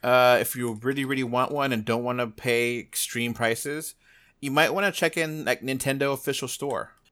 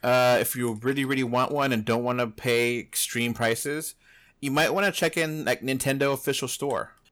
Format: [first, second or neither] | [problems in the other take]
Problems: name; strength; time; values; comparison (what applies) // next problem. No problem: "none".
first | distortion; slight; 4% of the sound clipped